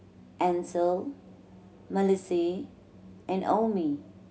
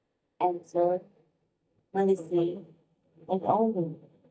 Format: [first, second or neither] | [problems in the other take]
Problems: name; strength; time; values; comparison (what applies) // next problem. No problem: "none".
first | noise reduction (neural mask model DeepFilterNet 3)